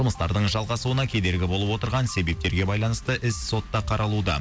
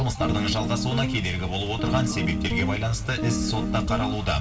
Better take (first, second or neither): first